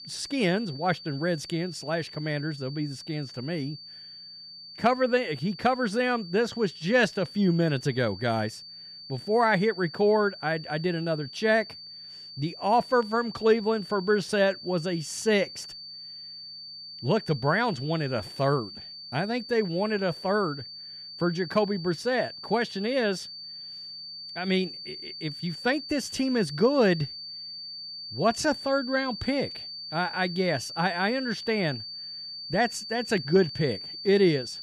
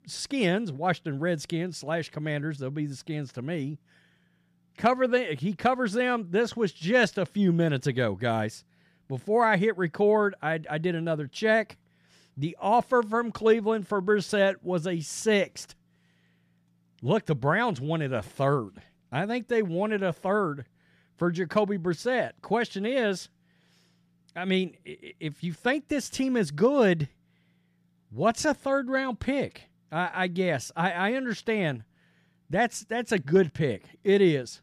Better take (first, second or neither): second